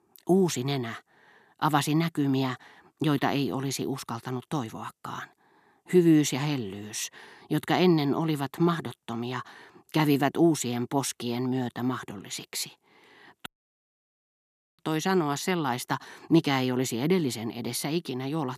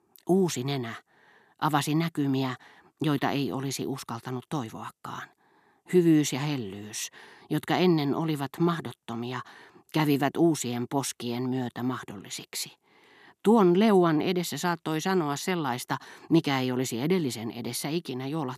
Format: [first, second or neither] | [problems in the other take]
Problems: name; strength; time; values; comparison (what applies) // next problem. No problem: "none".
second | audio cutting out; at 13 s for 1.5 s